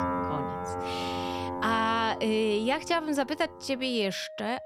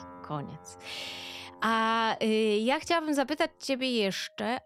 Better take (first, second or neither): second